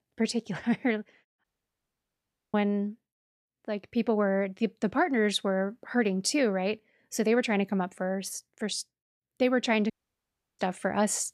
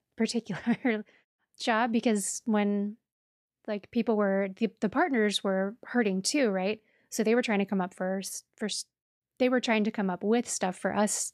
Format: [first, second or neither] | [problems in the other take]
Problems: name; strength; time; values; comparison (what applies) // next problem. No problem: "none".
second | audio cutting out; at 1.5 s for 1 s and at 10 s for 0.5 s